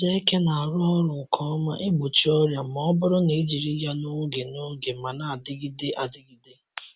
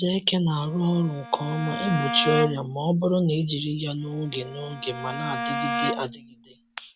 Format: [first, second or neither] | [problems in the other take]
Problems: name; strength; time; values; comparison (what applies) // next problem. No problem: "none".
first | background sound (Bowed string instrument); 7 dB below the speech